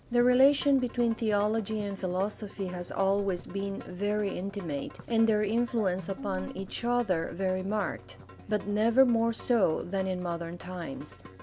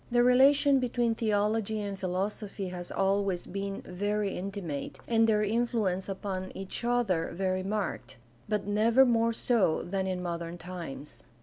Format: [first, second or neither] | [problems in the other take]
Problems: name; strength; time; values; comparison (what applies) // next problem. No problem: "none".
second | background sound (Musical instrument); 18 dB below the speech